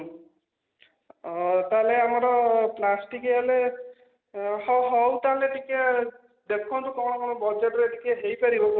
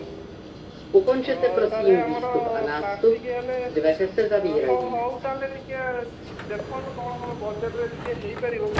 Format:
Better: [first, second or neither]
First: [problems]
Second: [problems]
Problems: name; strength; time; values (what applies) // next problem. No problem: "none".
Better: first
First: none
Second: background sound (Subway, metro, underground); 4 dB above the speech